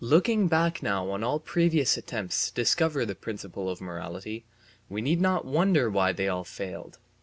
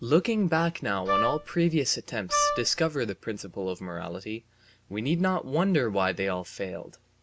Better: first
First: none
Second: background sound (Wind instrument, woodwind instrument); 1 dB below the speech

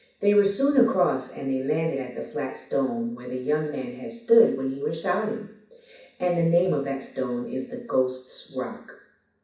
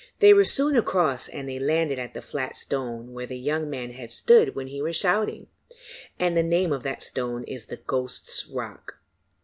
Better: second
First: room echo; dies away in 0.6 s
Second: none

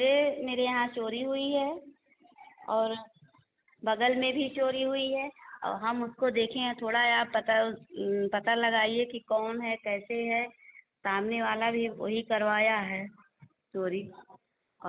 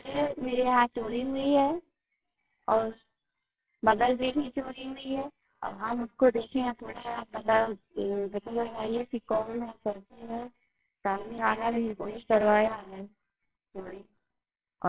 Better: first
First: none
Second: noise reduction (neural separator model SepFormer WHAMR!)

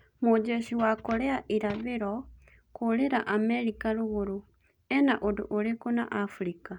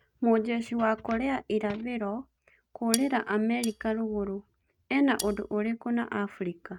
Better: first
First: none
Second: noise reduction (neural mask model RNNoise)

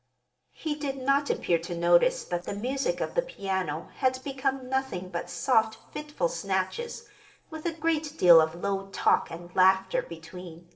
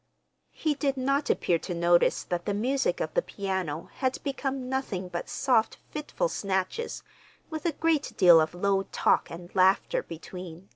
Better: second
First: noise reduction (neural separator model SepFormer DNS4)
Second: none

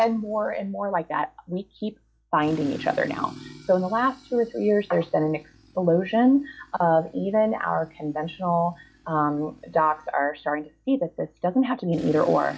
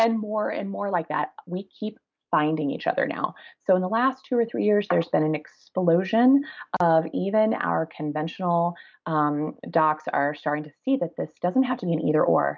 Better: second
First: noise reduction (classical method log-MMSE)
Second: none

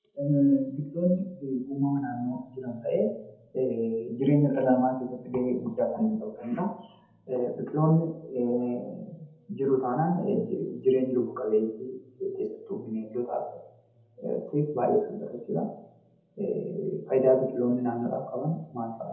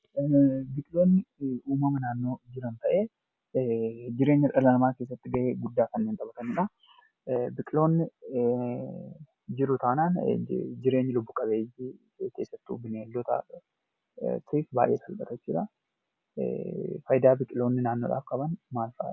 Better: second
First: room echo; dies away in 0.8 s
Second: none

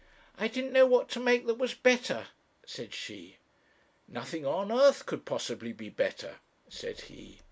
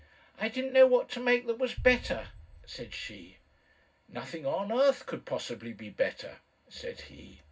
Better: first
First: none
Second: background sound (Boom); 15 dB below the speech // room echo; dies away in 0.4 s

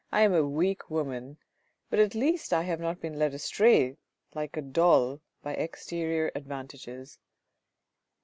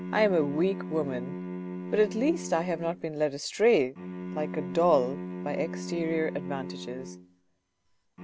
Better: first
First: none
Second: background sound (Bowed string instrument); 9 dB below the speech

